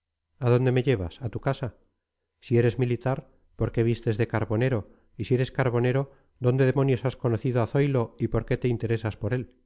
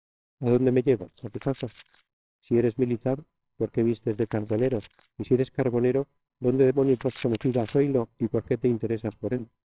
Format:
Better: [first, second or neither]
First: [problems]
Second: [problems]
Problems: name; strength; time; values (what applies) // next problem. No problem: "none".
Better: first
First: none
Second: noise reduction (neural separator model SepFormer WHAMR!)